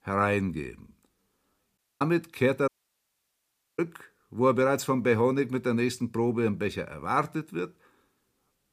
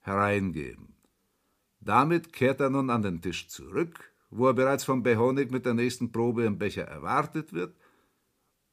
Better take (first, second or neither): second